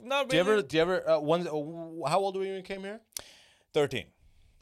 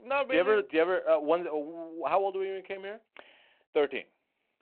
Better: first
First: none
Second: phone-call audio

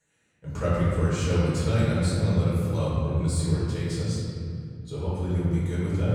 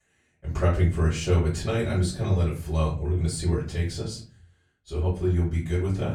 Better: second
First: room echo; strong; dies away in 3 s // off-mic speech; far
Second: room echo; slight; dies away in 0.3 s // off-mic speech; far

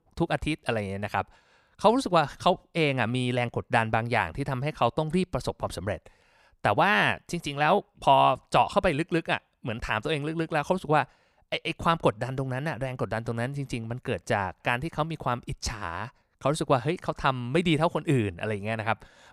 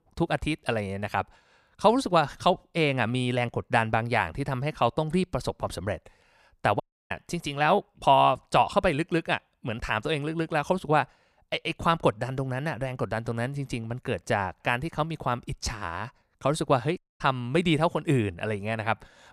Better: first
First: none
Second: audio cutting out; at 7 s and at 17 s

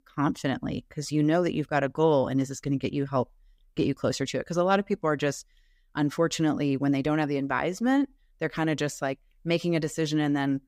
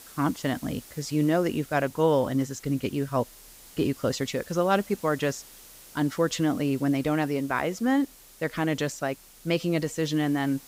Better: first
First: none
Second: hiss; faint; throughout; 20 dB below the speech

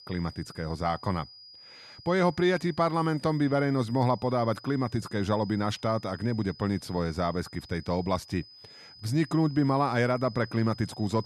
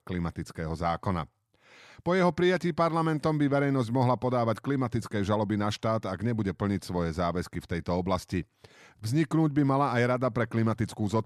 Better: second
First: high-pitched whine; noticeable; throughout; 5 kHz, 20 dB below the speech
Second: none

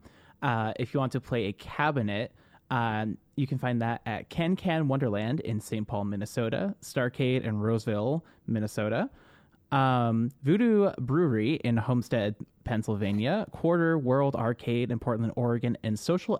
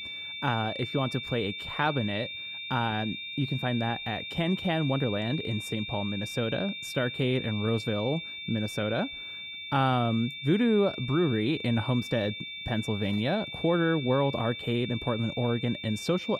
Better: first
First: none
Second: high-pitched whine; loud; throughout; 3.5 kHz, 7 dB below the speech

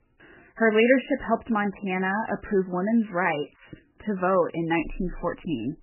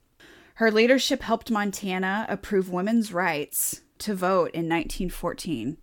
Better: second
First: garbled, watery; badly; nothing above 2.5 kHz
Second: none

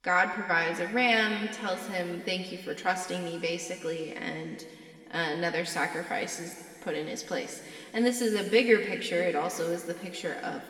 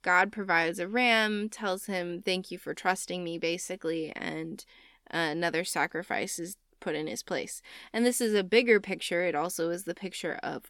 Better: second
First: room echo; noticeable; dies away in 2.4 s // off-mic speech; somewhat distant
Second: none

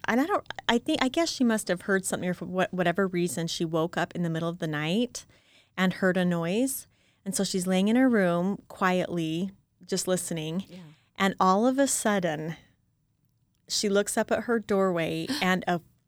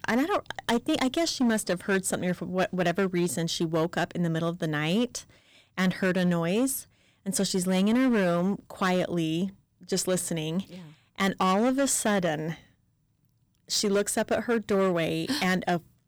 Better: first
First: none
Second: distortion; slight; 8% of the sound clipped

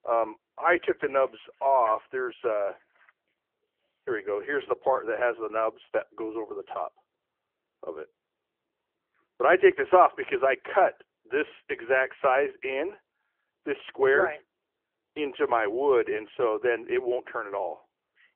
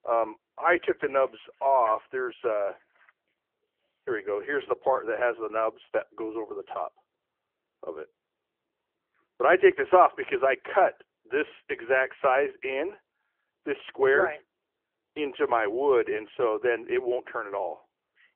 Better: neither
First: phone-call audio; nothing above 3 kHz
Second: phone-call audio; nothing above 3 kHz

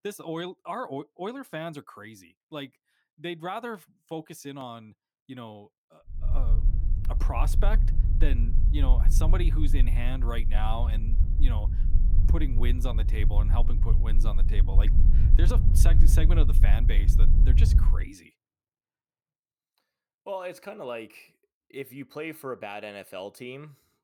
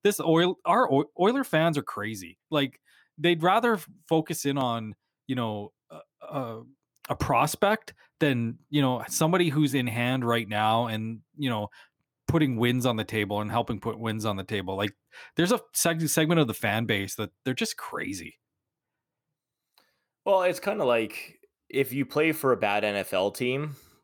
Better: second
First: low rumble; loud; from 6 to 18 s; 7 dB below the speech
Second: none

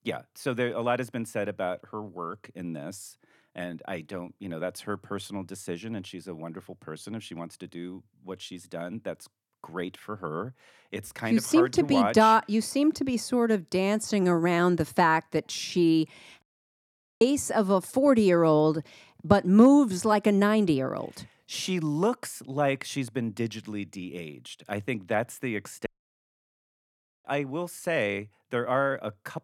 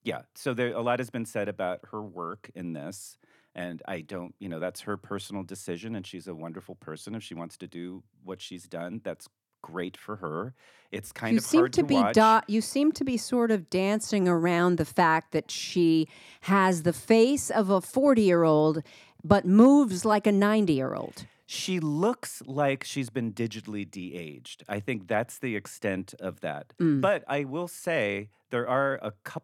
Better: second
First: audio cutting out; at 16 s for 1 s and at 26 s for 1.5 s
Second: none

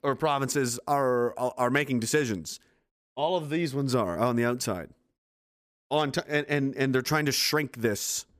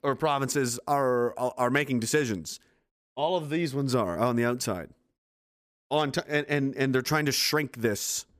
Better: neither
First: none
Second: none

